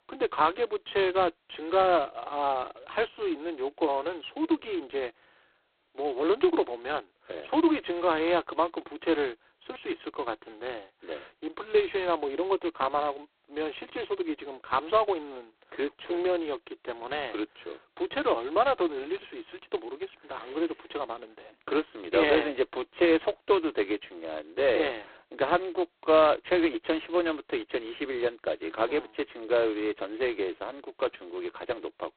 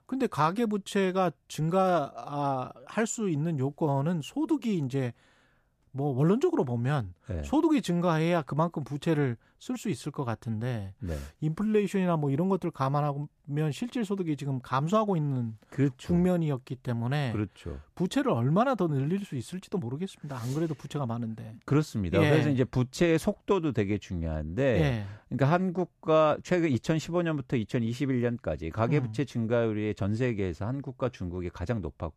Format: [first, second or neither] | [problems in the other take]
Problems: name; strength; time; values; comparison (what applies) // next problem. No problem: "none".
second | phone-call audio; poor line; nothing above 4 kHz